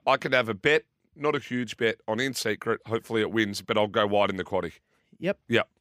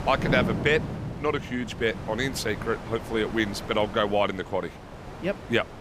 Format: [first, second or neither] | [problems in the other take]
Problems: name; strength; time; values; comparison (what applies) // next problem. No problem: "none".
first | wind noise on the microphone; occasional gusts; 10 dB below the speech